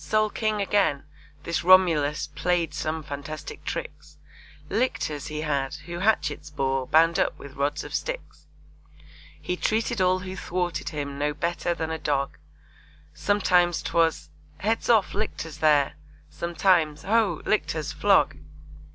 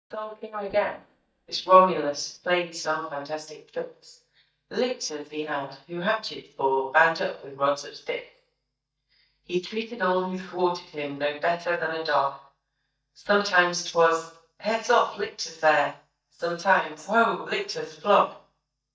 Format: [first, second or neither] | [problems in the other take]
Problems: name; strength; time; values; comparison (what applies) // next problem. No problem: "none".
first | noise reduction (neural mask model DeepFilterNet 3)